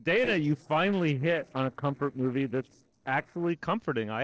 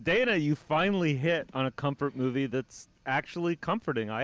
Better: second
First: noise reduction (neural separator model SepFormer DNS4)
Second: none

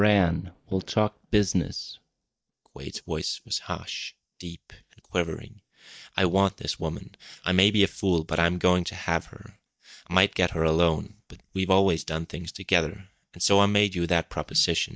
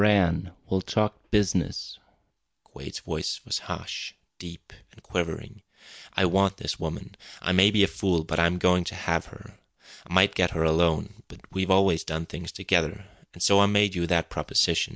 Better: second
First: noise reduction (neural mask model DeepFilterNet 3)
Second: none

